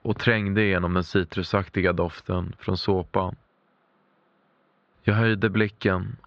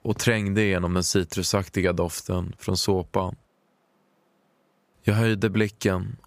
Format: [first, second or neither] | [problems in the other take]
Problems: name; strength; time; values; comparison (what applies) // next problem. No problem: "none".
second | muffled; slightly; fading above 4 kHz